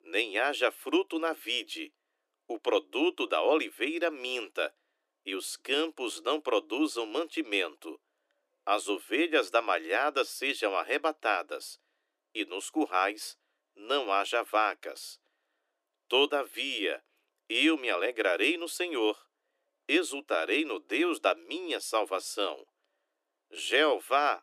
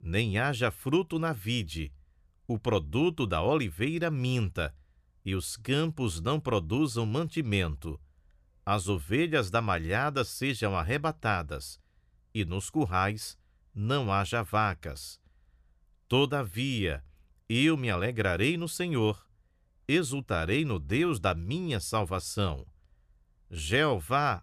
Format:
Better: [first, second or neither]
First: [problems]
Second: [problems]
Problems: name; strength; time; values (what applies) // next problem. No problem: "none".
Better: second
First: thin; very; fading below 300 Hz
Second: none